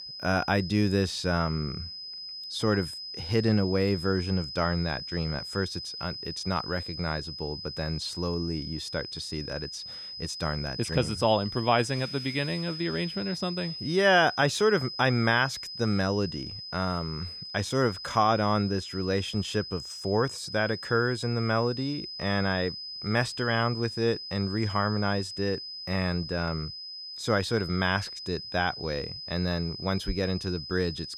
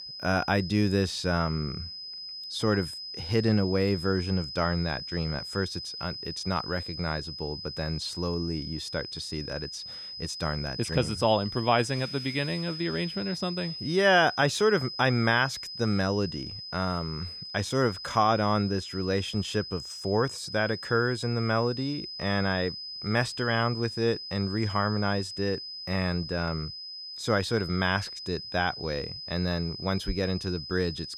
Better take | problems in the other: neither | high-pitched whine; loud; throughout; 5 kHz, 8 dB below the speech; the same in both

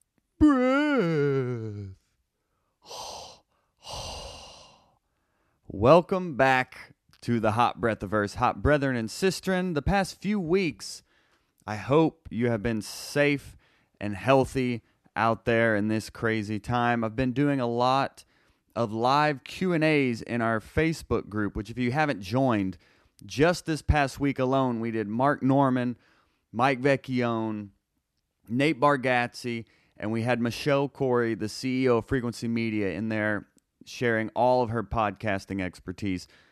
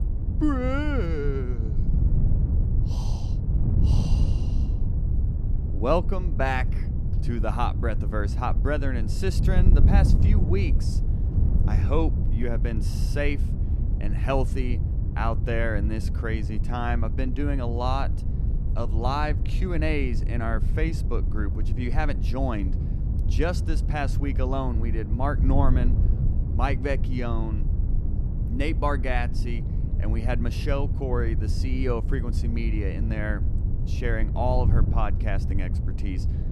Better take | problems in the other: first | wind noise on the microphone; heavy; 10 dB below the speech

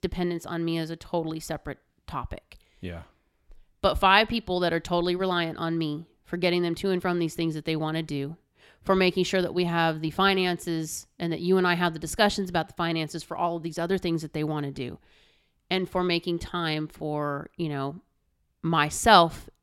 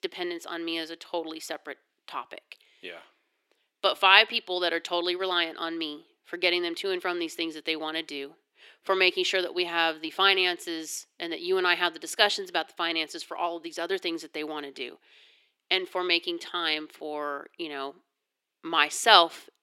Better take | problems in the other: first | thin; very; fading below 350 Hz

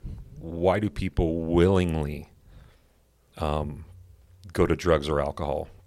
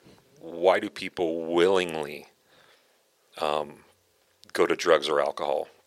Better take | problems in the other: first | thin; somewhat; fading below 450 Hz

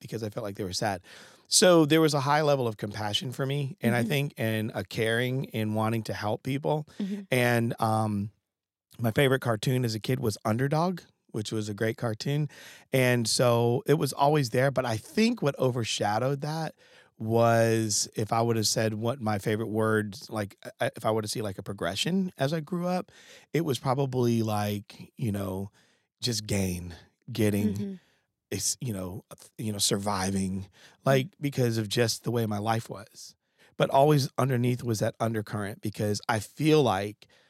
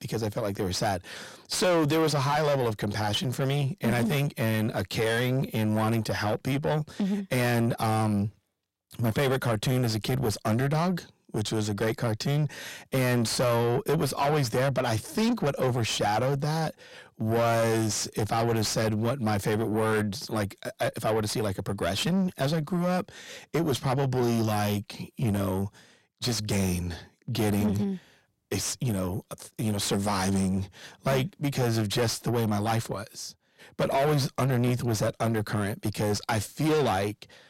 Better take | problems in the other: first | distortion; heavy; 6 dB below the speech

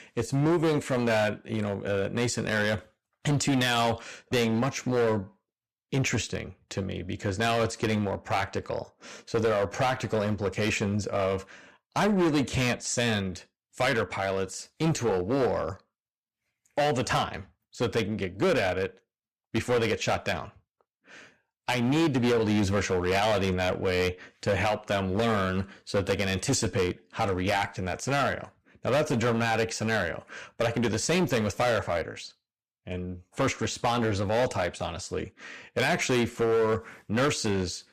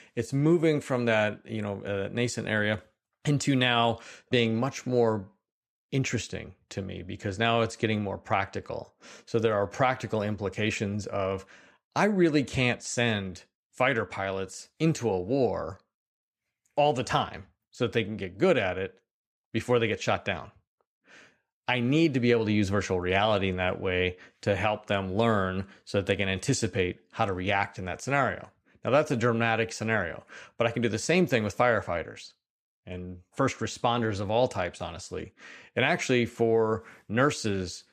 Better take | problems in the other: second | distortion; heavy; 10% of the sound clipped

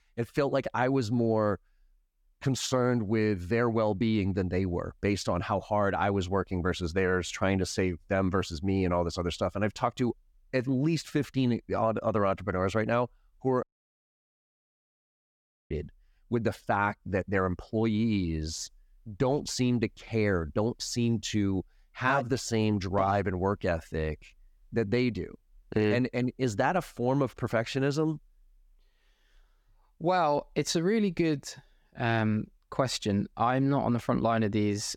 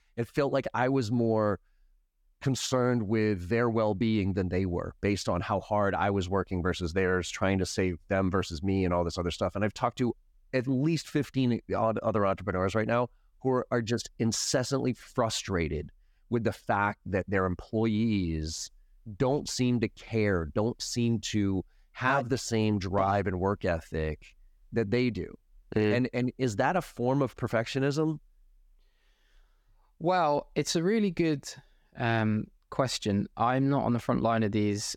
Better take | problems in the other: second | audio cutting out; at 14 s for 2 s

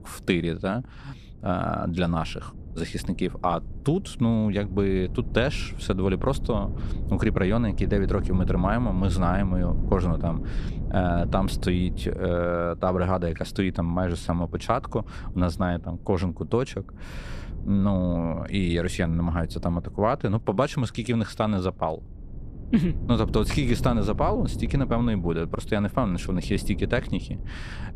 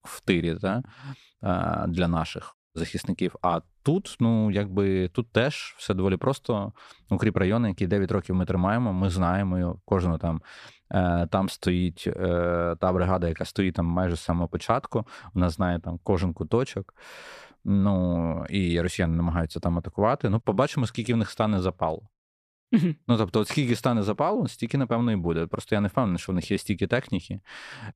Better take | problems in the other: second | wind noise on the microphone; occasional gusts; 15 dB below the speech

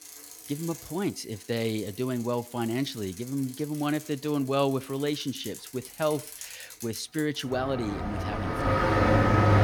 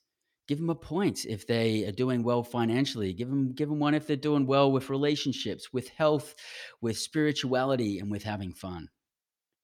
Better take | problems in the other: second | traffic noise; very loud; throughout; 2 dB above the speech

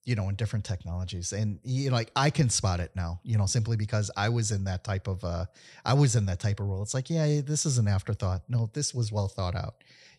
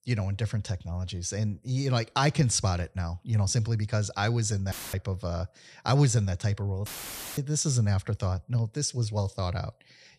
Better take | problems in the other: first | audio cutting out; filled with static; at 4.5 s and at 7 s for 0.5 s

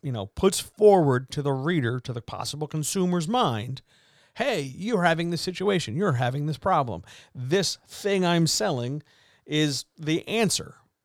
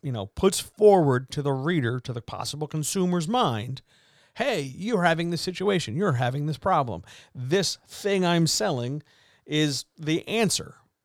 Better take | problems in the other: neither | none

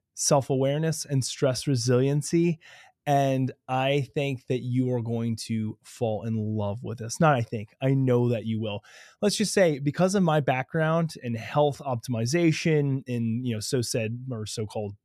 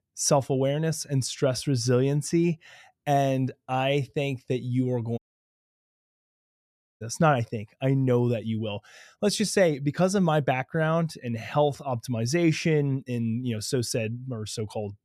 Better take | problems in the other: first | audio cutting out; at 5 s for 2 s

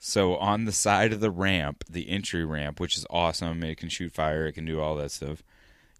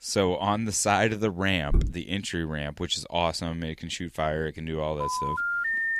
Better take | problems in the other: first | footsteps; noticeable; at 1.5 s; peak 1 dB below the speech // phone ringing; loud; from 5 s on; peak 3 dB above the speech

